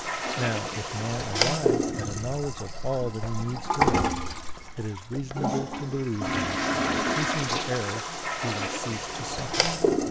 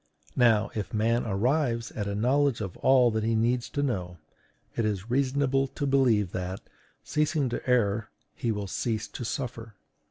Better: second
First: background sound (Toilet flush); 5 dB above the speech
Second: none

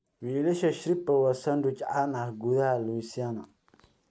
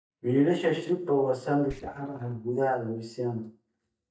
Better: first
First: none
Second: noise reduction (neural mask model DeepFilterNet 3)

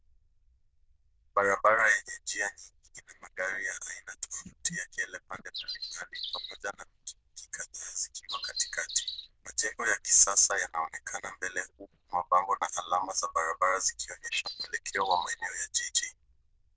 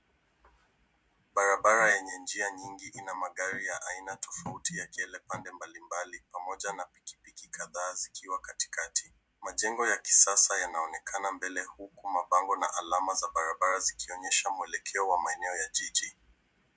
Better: second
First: noise reduction (neural diffusion model UNIVERSE++)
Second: none

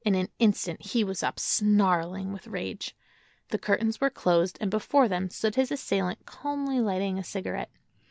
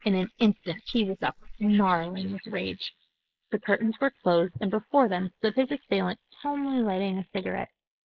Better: first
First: none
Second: noise reduction (neural mask model Resemble Enhance denoiser)

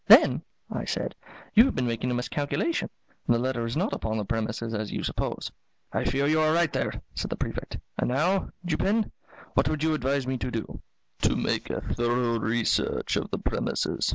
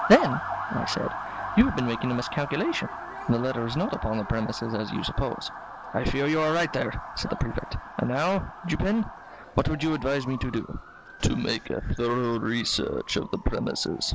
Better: first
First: none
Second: background sound (Motor vehicle (road) / Siren); 10 dB below the speech

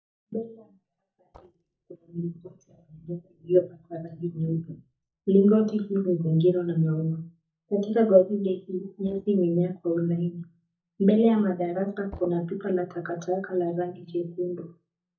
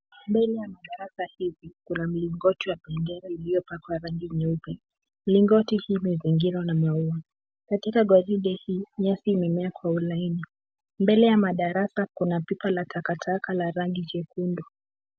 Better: second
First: noise reduction (neural mask model DeepFilterNet 3)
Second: none

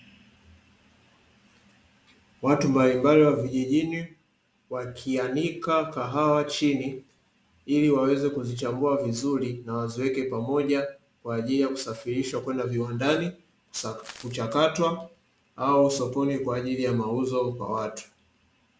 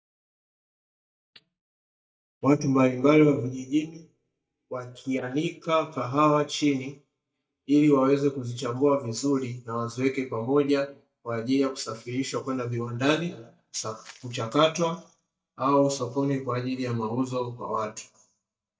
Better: first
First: none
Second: noise reduction (neural mask model DeepFilterNet 3)

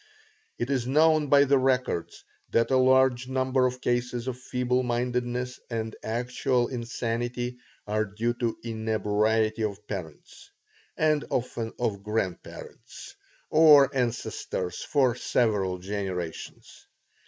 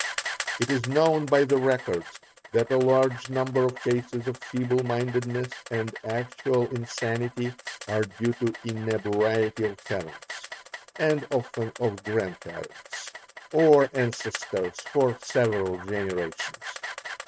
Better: first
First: none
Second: noise reduction (neural mask model RNNoise)

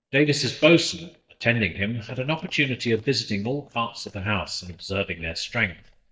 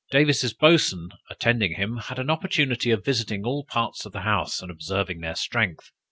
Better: second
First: noise reduction (neural mask model DeepFilterNet 3)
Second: none

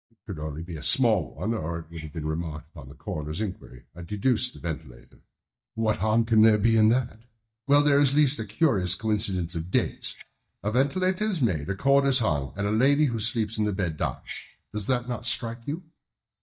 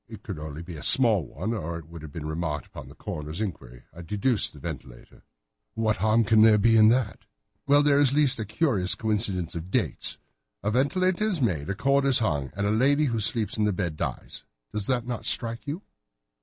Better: second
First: noise reduction (neural mask model DeepFilterNet 3)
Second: none

